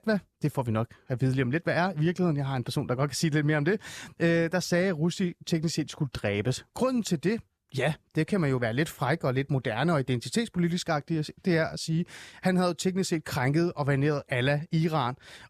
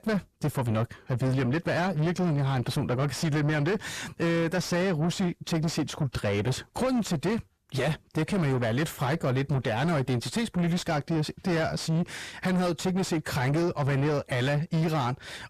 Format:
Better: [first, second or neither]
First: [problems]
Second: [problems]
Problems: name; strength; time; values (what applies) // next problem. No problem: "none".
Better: first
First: none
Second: distortion; heavy; 7 dB below the speech